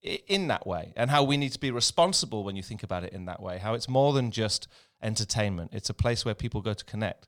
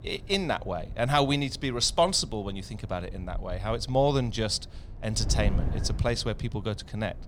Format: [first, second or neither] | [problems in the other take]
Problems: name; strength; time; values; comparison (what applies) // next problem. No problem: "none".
first | wind noise on the microphone; occasional gusts; 20 dB below the speech